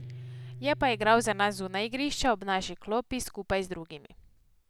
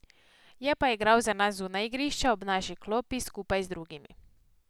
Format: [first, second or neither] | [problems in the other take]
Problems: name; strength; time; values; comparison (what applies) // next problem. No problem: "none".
second | background sound (Guitar); 17 dB below the speech